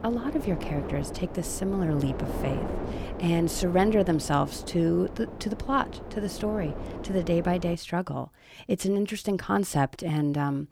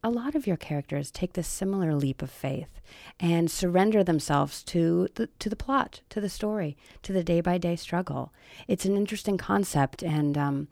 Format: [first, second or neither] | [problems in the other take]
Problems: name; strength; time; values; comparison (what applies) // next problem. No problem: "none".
second | wind noise on the microphone; heavy; until 8 s; 9 dB below the speech